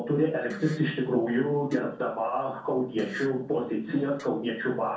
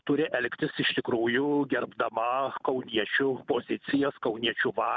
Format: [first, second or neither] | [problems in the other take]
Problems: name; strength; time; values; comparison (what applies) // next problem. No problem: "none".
second | noise reduction (neural separator model SepFormer DNS4)